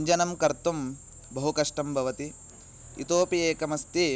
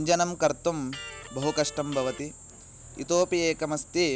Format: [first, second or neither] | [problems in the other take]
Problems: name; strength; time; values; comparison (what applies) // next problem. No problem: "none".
first | background sound (Electric guitar); 16 dB below the speech